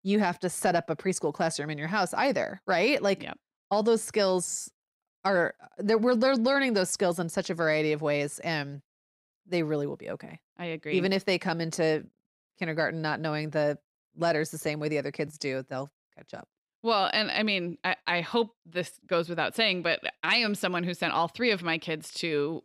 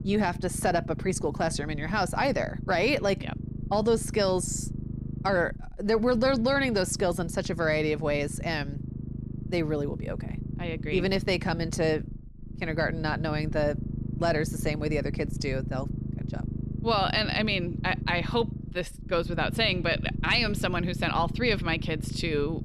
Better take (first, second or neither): first